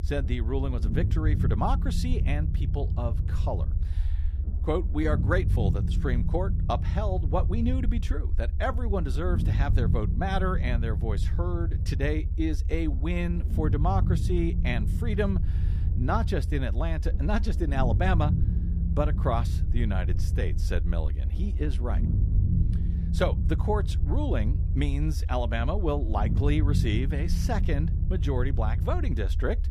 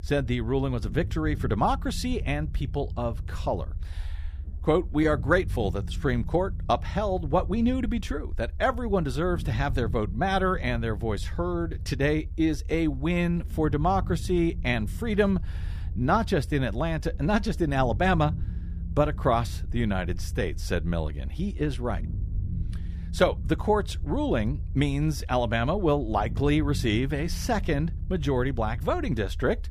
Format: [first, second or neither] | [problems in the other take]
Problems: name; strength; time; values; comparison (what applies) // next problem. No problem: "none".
second | low rumble; loud; throughout; 10 dB below the speech; faint in the second